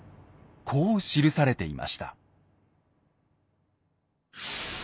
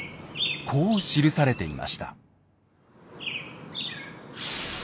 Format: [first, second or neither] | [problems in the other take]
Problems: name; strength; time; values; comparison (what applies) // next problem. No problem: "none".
first | background sound (Chirp, tweet); 8 dB below the speech